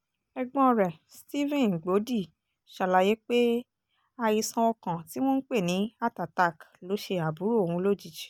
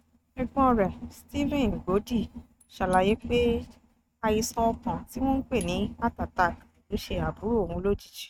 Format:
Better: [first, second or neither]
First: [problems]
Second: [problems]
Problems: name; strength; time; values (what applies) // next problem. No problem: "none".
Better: first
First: none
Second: noise reduction (neural mask model RNNoise)